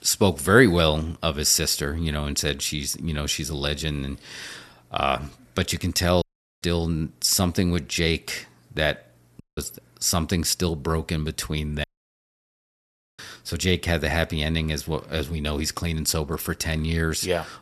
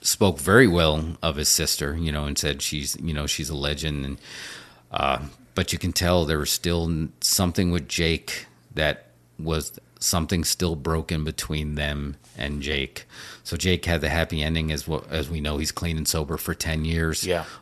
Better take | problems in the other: second | audio cutting out; at 6 s, at 9.5 s and at 12 s for 1.5 s

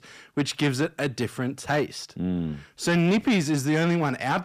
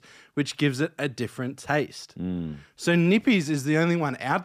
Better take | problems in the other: second | distortion; slight; 10 dB below the speech

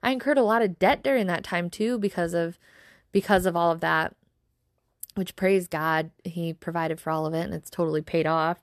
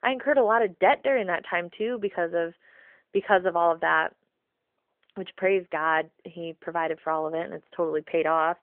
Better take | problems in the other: first | phone-call audio; nothing above 3 kHz

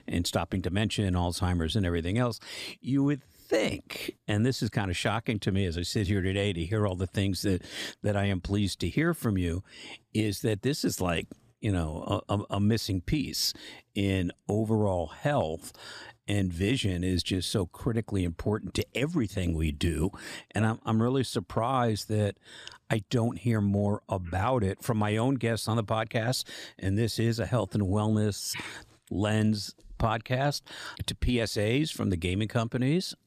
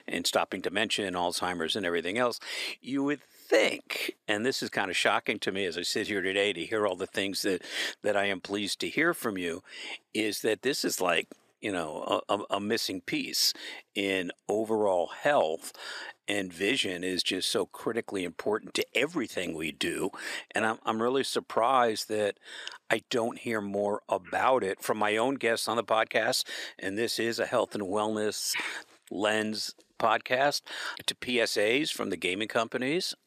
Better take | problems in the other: first | thin; somewhat; fading below 450 Hz

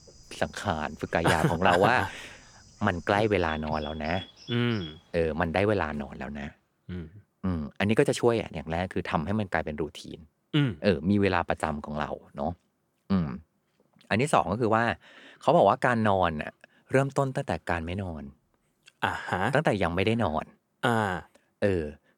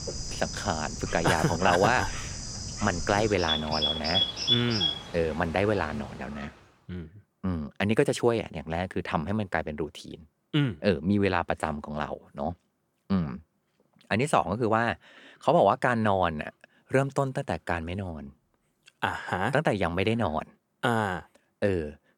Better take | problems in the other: first | animal sounds; loud; until 6.5 s; 2 dB below the speech; faint in the first

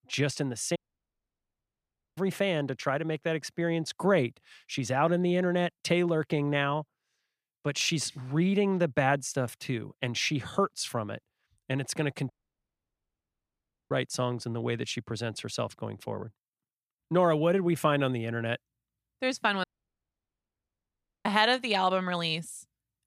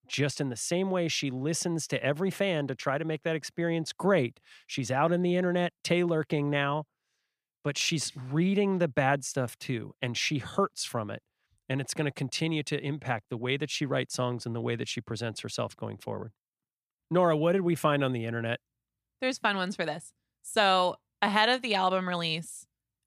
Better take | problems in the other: second | audio cutting out; at 1 s for 1.5 s, at 12 s for 1.5 s and at 20 s for 1.5 s

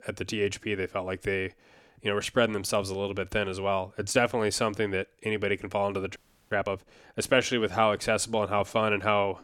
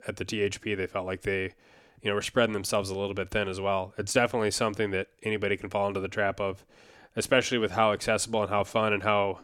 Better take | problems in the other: second | audio freezing; at 6 s

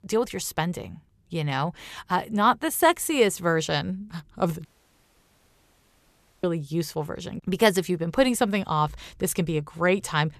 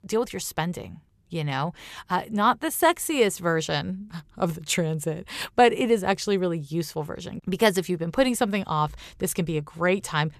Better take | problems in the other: second | audio cutting out; at 4.5 s for 2 s

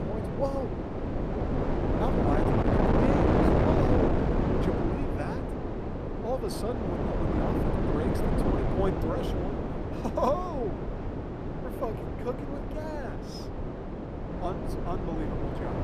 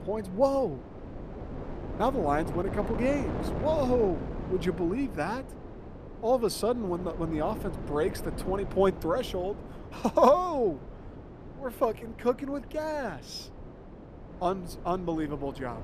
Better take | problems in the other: second | wind noise on the microphone; heavy; 3 dB above the speech; occasional gusts in the second

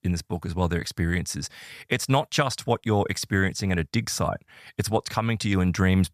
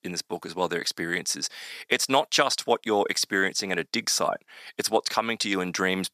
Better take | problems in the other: first | thin; somewhat; fading below 300 Hz

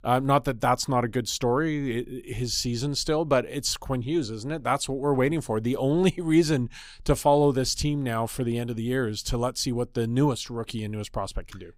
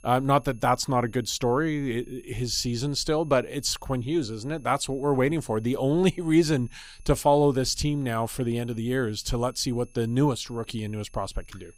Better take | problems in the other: first | high-pitched whine; faint; throughout; 11 kHz, 30 dB below the speech

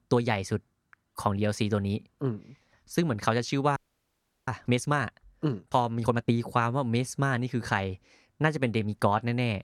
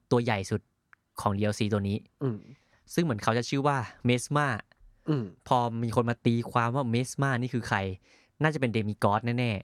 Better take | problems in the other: second | audio freezing; at 4 s for 0.5 s

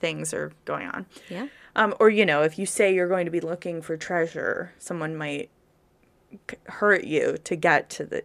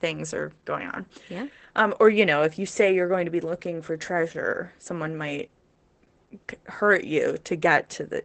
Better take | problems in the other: first | garbled, watery; badly; nothing above 8 kHz

